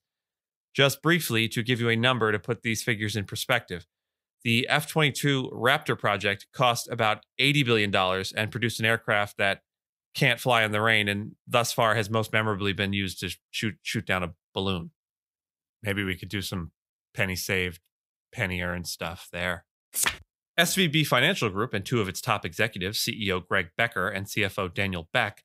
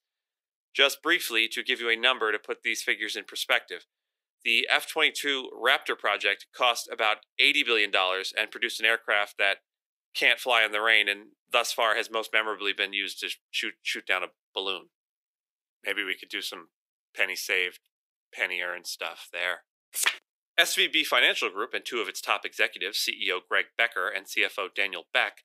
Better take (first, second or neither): first